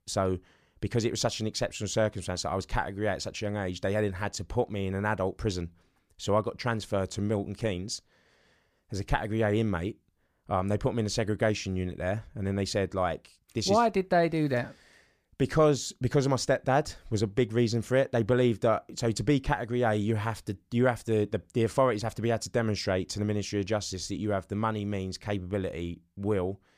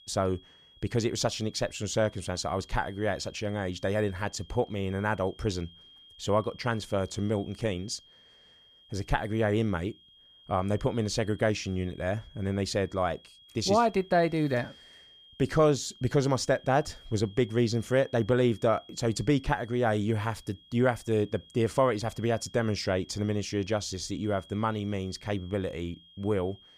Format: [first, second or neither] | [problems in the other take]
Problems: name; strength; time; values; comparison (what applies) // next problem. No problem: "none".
first | high-pitched whine; faint; throughout; 3.5 kHz, 25 dB below the speech